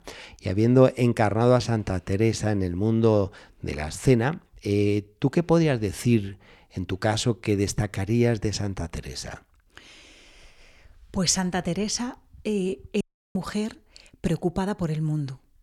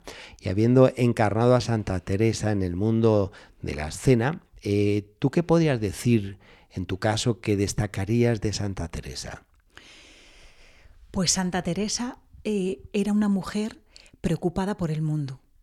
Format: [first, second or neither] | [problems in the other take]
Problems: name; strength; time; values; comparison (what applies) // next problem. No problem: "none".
second | audio cutting out; at 13 s